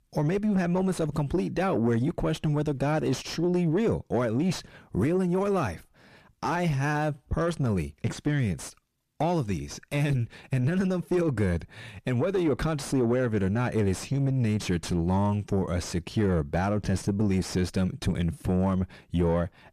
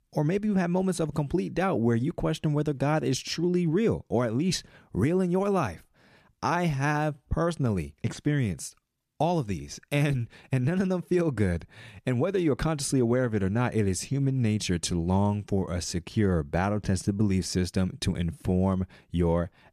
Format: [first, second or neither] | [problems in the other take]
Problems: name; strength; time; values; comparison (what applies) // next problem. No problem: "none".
second | distortion; slight; 9 dB below the speech